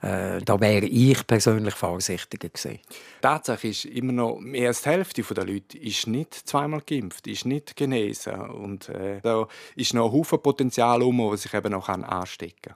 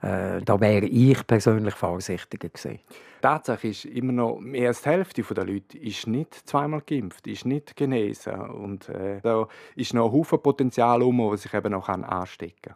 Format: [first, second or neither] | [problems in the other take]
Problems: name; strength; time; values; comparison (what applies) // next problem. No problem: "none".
first | muffled; slightly; fading above 2.5 kHz